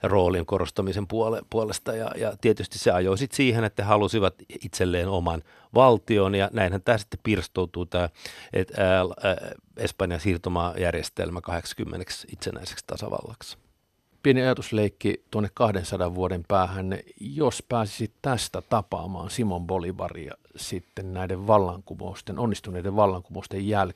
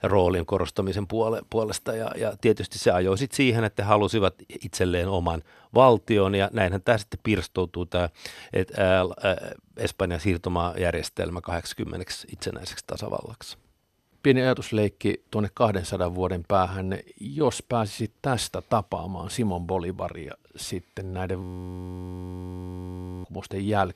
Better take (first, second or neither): first